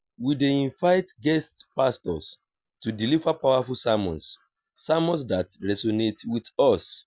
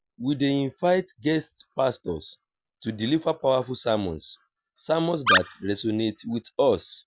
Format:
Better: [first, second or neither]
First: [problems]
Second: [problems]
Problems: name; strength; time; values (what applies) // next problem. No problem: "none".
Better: first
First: none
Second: background sound (Animal); 1 dB above the speech